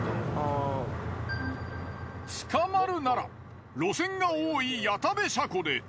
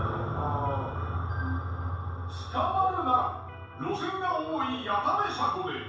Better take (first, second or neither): first